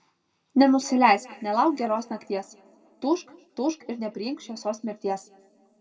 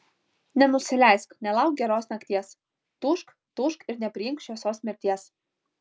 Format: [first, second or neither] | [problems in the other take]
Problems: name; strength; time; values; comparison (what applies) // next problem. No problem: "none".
second | room echo; dies away in 1.4 s